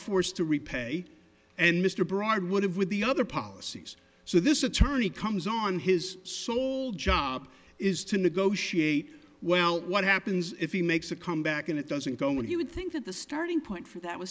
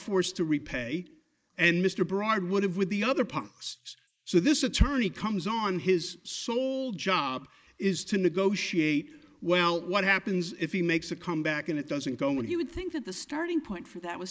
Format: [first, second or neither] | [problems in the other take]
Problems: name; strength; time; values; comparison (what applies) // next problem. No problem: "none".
first | noise reduction (neural mask model Resemble Enhance denoiser)